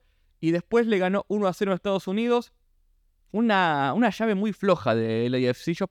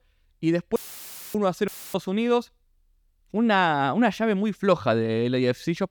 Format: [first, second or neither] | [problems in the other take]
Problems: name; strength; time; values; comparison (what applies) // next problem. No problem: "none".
first | audio cutting out; filled with static; at 1 s for 0.5 s and at 1.5 s